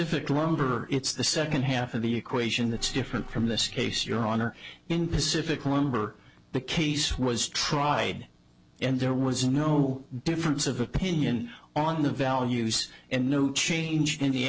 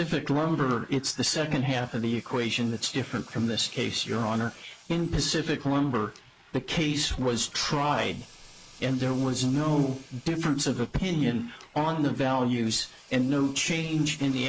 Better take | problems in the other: first | noise reduction (neural mask model Resemble Enhance denoiser)

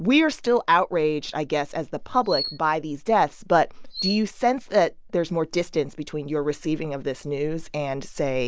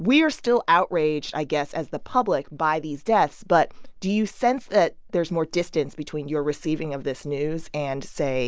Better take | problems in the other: second | background sound (Chirp, tweet); 12 dB below the speech

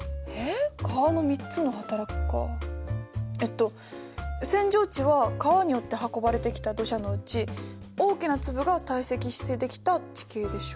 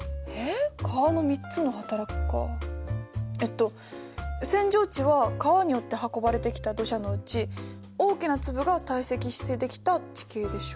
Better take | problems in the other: second | background sound (Drum / Drum kit); 19 dB below the speech

